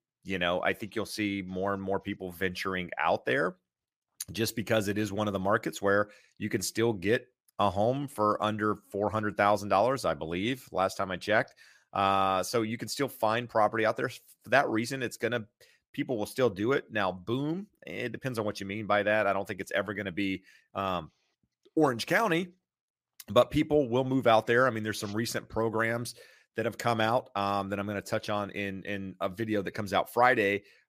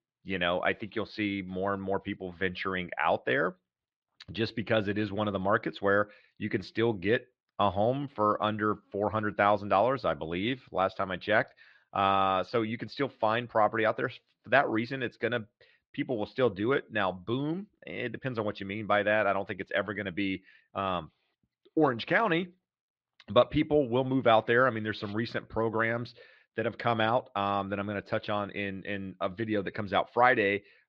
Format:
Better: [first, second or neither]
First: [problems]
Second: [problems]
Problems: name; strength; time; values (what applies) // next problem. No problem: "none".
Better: first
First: none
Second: muffled; slightly; fading above 4 kHz